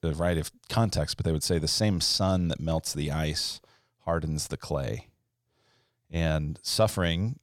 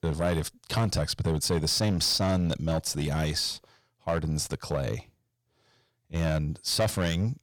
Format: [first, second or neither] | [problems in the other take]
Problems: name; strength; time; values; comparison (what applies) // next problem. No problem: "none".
first | distortion; slight; 6% of the sound clipped